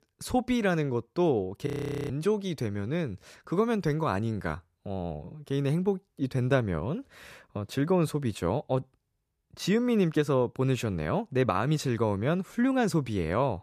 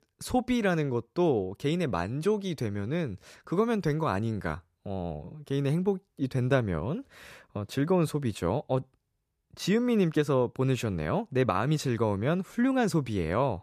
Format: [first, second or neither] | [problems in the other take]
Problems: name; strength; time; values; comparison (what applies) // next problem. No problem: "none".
second | audio freezing; at 1.5 s